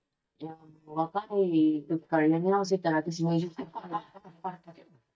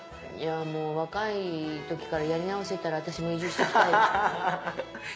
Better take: second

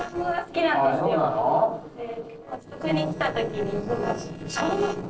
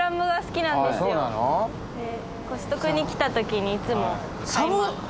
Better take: second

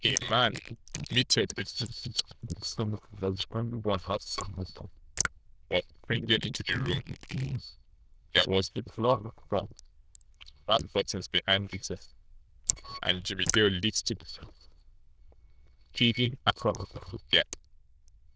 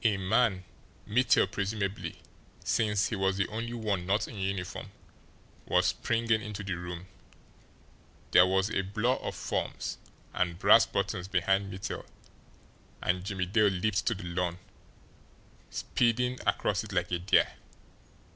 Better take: second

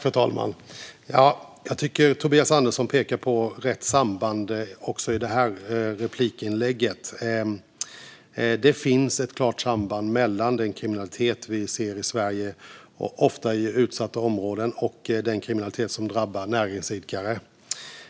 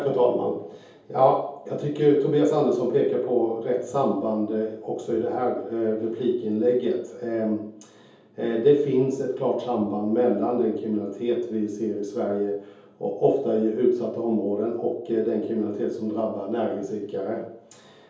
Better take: first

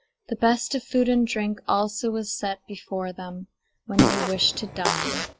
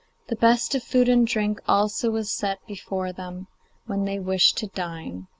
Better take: second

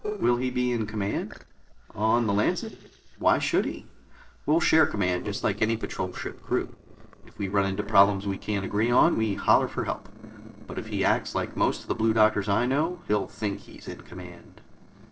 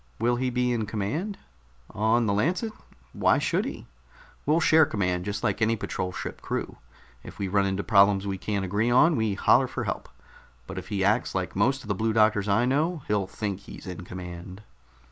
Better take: second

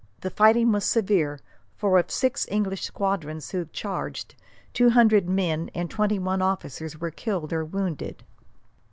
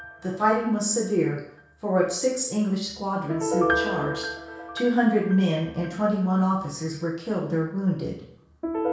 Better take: first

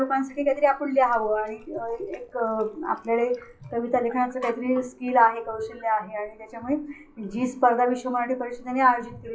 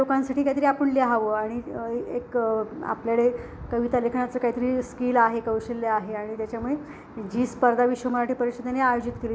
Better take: second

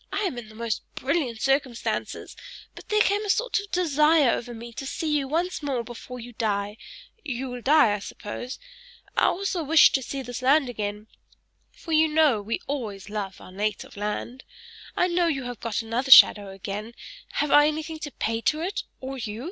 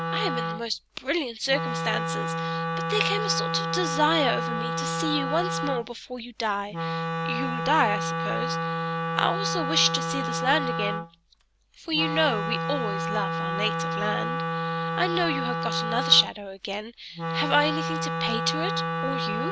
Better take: first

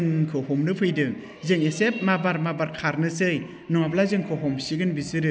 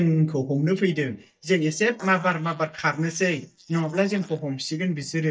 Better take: first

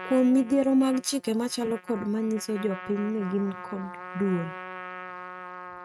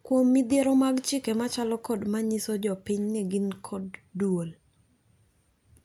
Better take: second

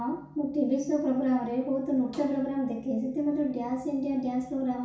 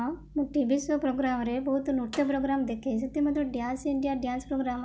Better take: second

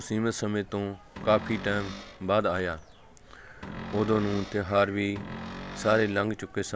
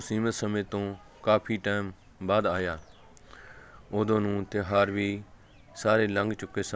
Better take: second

